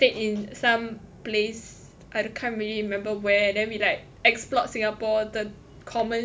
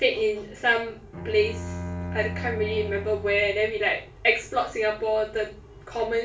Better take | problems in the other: first | background sound (Bowed string instrument); 9 dB below the speech // room echo; dies away in 0.3 s

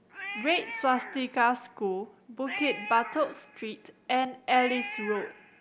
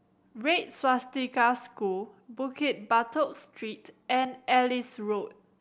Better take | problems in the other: second | background sound (Cat); 10 dB below the speech

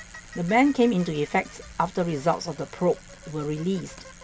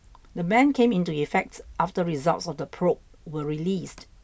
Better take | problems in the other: second | background sound (Bicycle); 20 dB below the speech

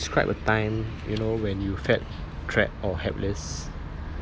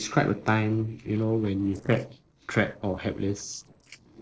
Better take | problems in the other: first | noise reduction (neural separator model SepFormer DNS4)

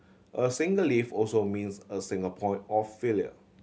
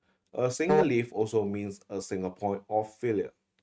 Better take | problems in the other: first | noise reduction (neural mask model RNNoise)

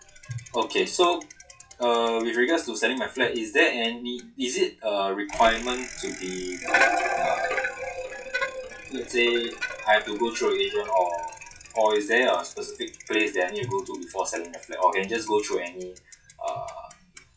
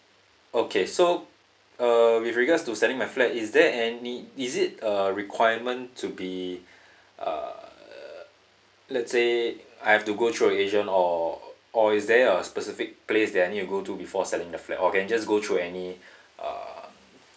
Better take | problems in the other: second | noise reduction (classical method WPE with log-MMSE)

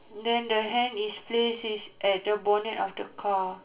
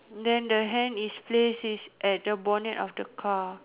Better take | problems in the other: second | room echo; dies away in 0.3 s

